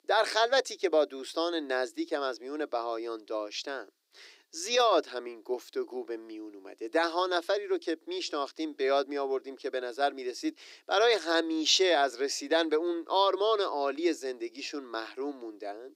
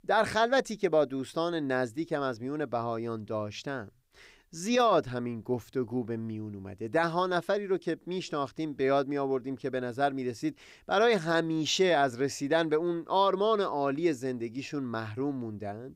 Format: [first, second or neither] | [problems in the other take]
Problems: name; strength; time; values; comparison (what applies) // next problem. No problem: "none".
second | thin; somewhat; fading below 300 Hz